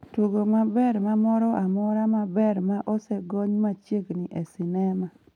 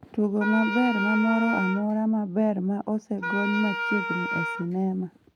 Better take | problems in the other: first | background sound (Wind instrument, woodwind instrument); 4 dB below the speech

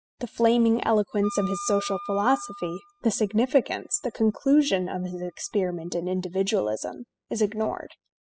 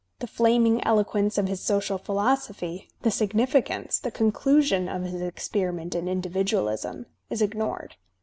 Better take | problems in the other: second | noise reduction (classical method spectral subtraction)

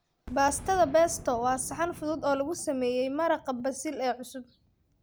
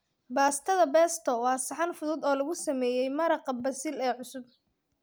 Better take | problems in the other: second | background sound (Boom); 19 dB below the speech

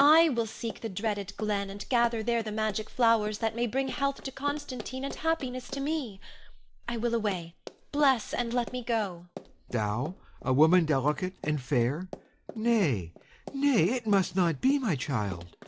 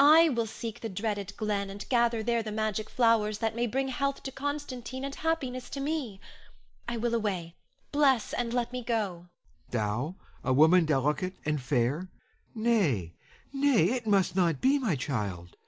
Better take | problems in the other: second | background sound (Run); 18 dB below the speech

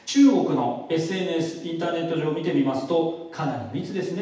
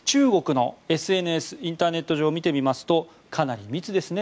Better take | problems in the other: second | room echo; dies away in 0.9 s

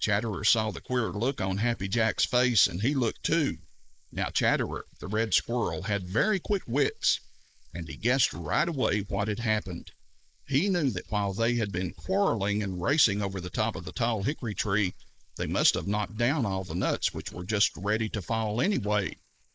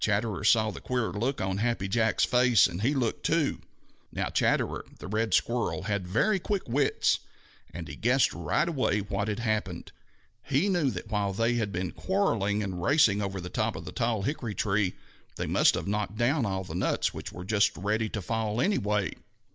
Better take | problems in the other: second | noise reduction (neural mask model Resemble Enhance denoiser)

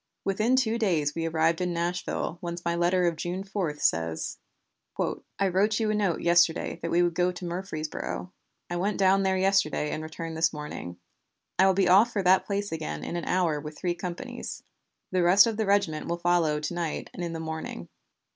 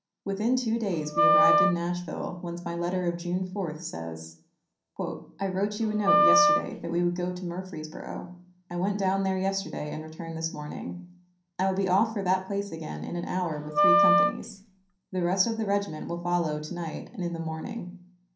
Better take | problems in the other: first | background sound (Wind instrument, woodwind instrument); 5 dB above the speech // room echo; dies away in 0.6 s

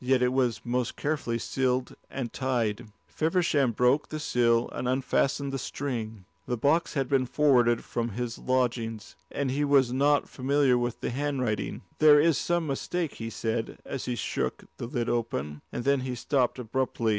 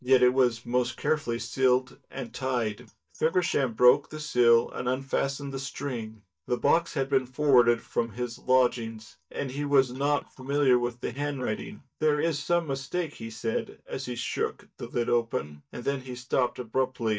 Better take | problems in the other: first | noise reduction (neural mask model DeepFilterNet 3)

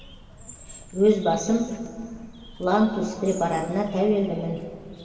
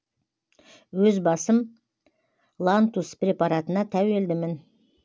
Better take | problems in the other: second | background sound (Bird); 19 dB below the speech // room echo; dies away in 2.3 s

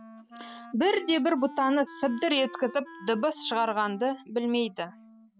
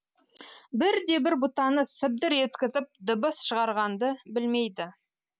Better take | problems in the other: second | background sound (Wind instrument, woodwind instrument); 19 dB below the speech

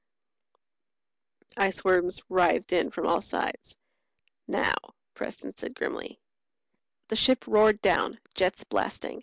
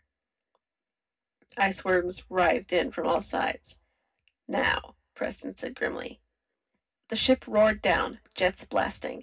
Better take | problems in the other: first | room echo; dies away in 0.4 s

